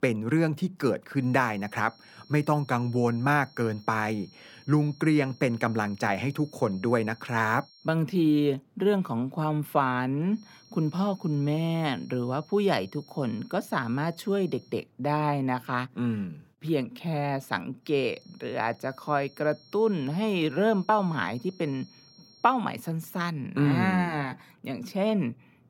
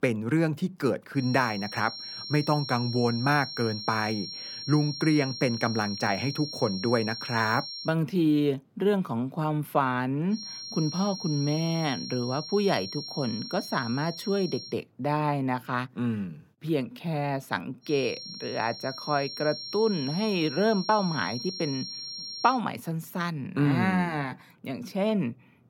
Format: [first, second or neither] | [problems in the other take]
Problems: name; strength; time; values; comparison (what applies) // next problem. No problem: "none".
first | high-pitched whine; loud; from 1 to 8 s, from 10 to 15 s and from 18 to 23 s; 5.5 kHz, 8 dB below the speech; faint in the first